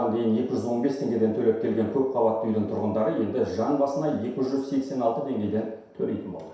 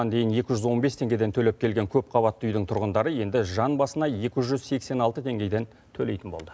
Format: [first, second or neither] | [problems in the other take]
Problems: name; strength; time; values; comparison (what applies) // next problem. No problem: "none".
second | room echo; dies away in 0.7 s